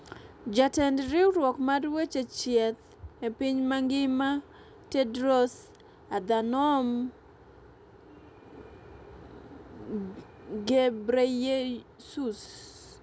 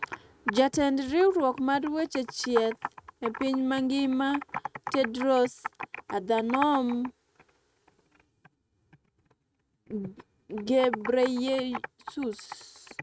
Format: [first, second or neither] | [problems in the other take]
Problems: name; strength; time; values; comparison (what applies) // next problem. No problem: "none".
first | noise reduction (neural mask model RNNoise)